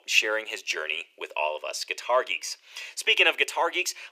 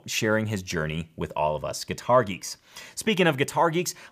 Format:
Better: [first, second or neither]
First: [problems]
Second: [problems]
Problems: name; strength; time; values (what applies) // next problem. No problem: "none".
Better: second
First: thin; very; fading below 400 Hz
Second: none